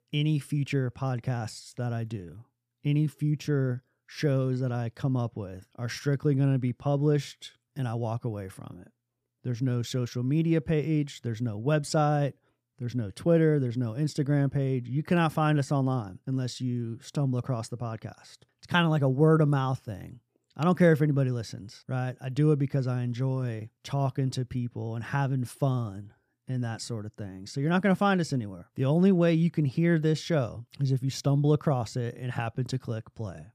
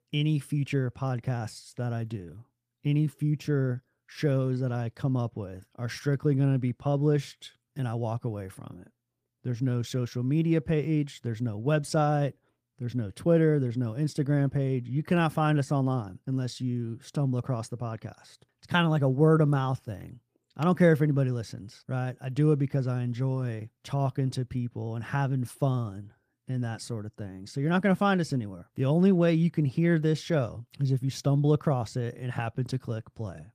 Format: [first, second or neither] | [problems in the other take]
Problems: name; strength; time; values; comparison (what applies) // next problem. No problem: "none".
first | garbled, watery; slightly; nothing above 15 kHz